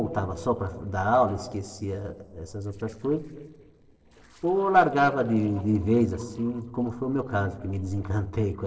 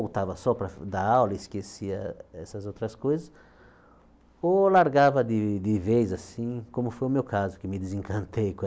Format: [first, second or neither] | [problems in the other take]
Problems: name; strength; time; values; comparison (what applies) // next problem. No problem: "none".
second | noise reduction (neural separator model SepFormer DNS4)